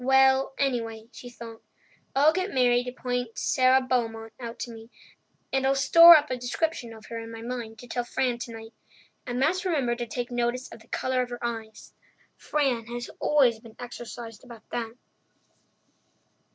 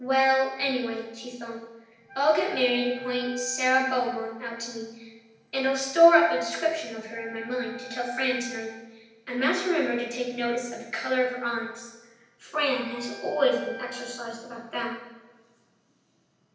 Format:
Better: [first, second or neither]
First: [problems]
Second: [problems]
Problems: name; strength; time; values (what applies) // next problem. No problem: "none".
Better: first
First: none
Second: background sound (Wind instrument, woodwind instrument); 17 dB below the speech // room echo; dies away in 0.9 s